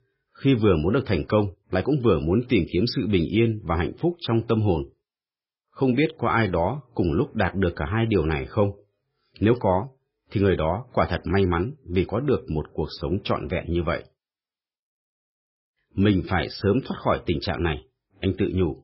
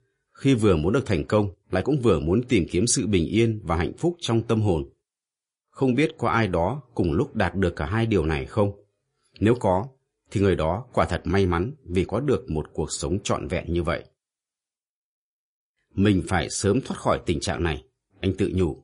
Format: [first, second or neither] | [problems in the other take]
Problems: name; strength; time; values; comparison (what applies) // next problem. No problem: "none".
second | garbled, watery; badly; nothing above 5.5 kHz; slightly in the second